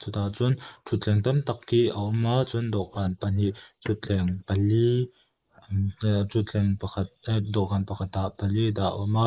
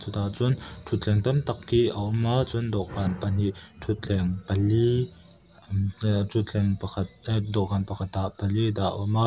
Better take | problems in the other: second | noise reduction (neural mask model Resemble Enhance denoiser)

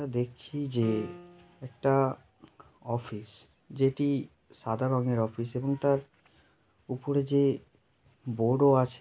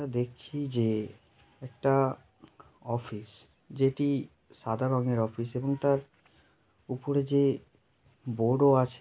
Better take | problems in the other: second | background sound (Piano); 15 dB below the speech

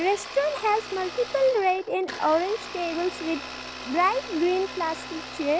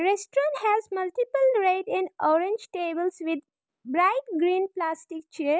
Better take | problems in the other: second | background sound (Domestic sounds, home sounds); 12 dB below the speech

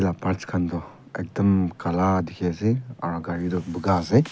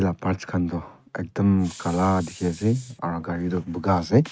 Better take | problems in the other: first | noise reduction (neural mask model RNNoise)

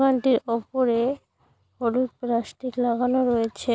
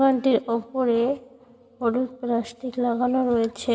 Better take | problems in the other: first | room echo; dies away in 1.7 s

